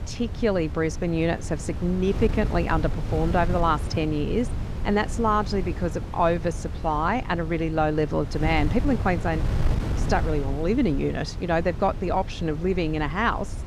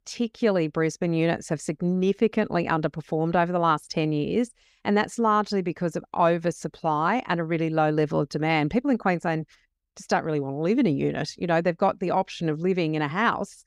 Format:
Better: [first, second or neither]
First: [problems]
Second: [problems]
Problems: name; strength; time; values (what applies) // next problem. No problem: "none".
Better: second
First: wind noise on the microphone; occasional gusts; 15 dB below the speech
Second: none